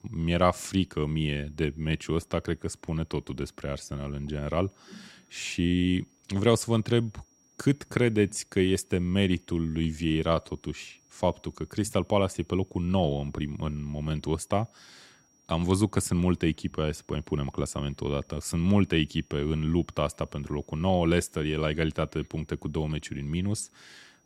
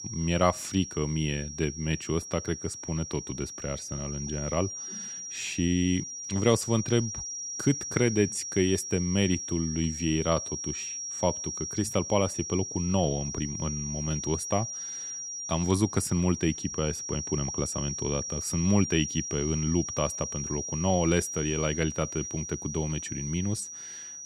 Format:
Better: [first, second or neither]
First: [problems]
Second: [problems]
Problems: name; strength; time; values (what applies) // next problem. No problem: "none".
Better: first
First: high-pitched whine; faint; throughout; 5.5 kHz, 35 dB below the speech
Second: high-pitched whine; loud; throughout; 5.5 kHz, 5 dB below the speech